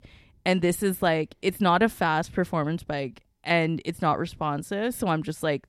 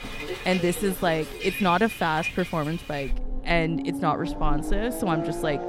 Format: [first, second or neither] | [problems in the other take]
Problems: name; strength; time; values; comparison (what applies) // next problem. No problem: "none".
first | traffic noise; loud; throughout; 7 dB below the speech